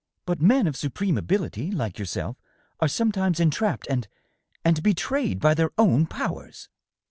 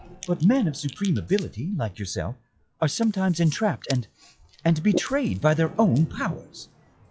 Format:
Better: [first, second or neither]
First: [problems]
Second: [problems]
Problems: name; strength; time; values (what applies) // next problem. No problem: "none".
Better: first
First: none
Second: noise reduction (classical method log-MMSE)